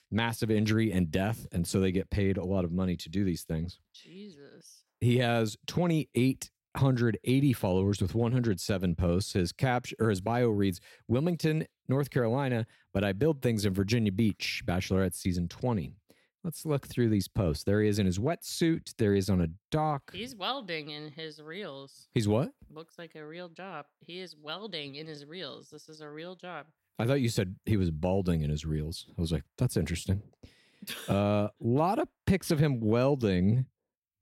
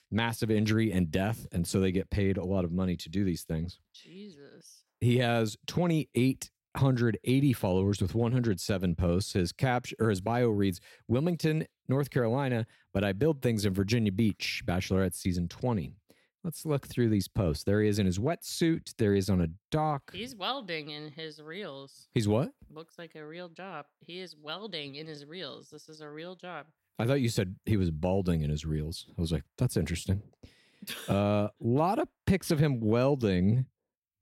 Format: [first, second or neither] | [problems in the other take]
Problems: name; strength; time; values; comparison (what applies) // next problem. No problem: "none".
neither | none